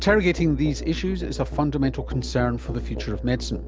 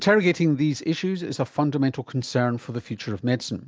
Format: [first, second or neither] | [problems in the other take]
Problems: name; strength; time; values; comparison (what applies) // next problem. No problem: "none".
second | background sound (Musical instrument); 7 dB below the speech